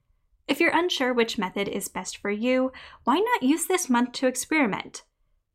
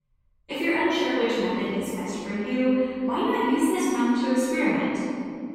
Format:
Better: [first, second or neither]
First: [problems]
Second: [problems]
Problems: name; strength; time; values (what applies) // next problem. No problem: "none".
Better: first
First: none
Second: off-mic speech; far // room echo; strong; dies away in 2.7 s